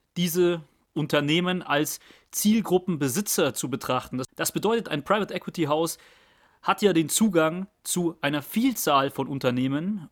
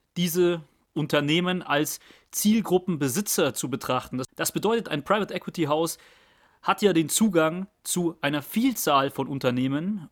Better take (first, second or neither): neither